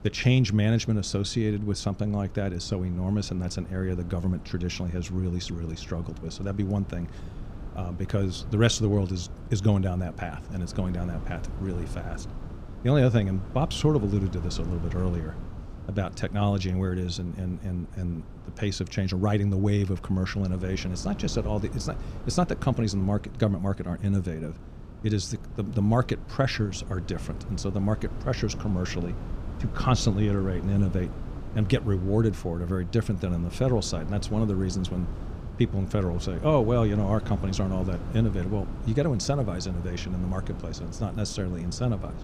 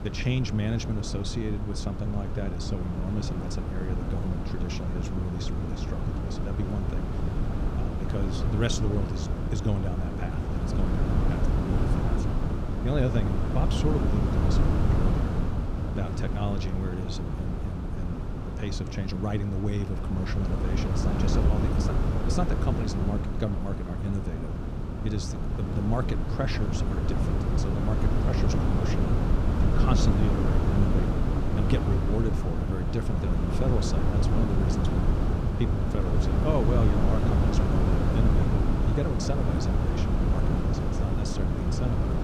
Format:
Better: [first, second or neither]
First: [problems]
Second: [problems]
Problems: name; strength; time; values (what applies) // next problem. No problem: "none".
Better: first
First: wind noise on the microphone; occasional gusts; 15 dB below the speech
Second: wind noise on the microphone; heavy; 1 dB above the speech